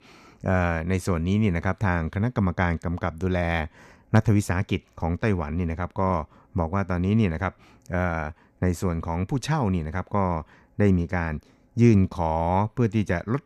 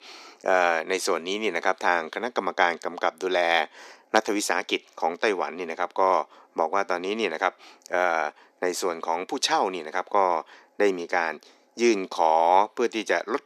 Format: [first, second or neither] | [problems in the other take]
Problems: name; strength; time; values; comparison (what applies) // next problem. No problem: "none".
first | thin; very; fading below 350 Hz